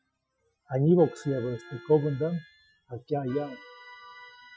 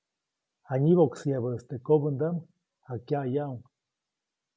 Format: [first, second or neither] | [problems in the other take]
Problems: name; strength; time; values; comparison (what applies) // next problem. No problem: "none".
second | noise reduction (classical method Wiener filter)